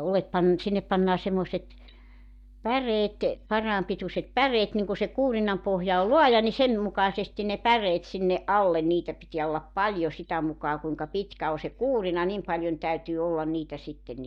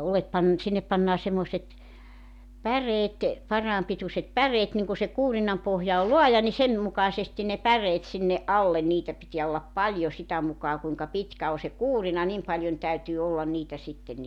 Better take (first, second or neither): second